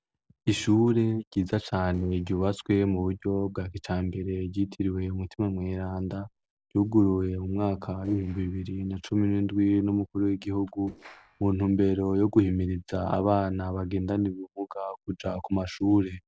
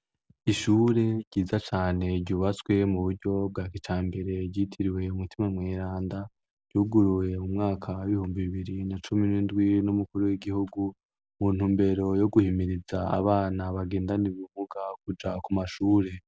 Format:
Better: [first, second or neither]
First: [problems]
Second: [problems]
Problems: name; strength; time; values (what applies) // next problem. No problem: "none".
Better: second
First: noise reduction (neural separator model SepFormer DNS4)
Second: none